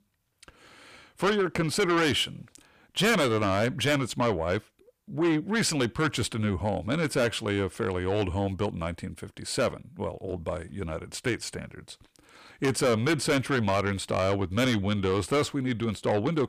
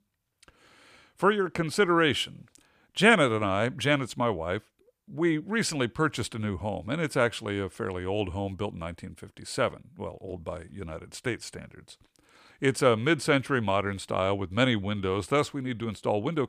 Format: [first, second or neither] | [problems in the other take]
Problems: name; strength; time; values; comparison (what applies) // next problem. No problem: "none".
second | distortion; heavy; 7 dB below the speech